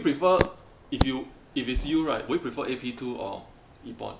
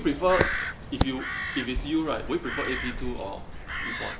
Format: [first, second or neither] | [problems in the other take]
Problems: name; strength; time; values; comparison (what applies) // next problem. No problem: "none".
first | background sound (Crow); 4 dB below the speech